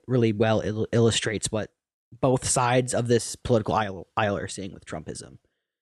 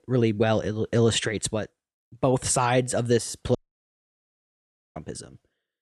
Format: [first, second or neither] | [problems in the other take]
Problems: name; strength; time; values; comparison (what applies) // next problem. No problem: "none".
first | audio cutting out; at 3.5 s for 1.5 s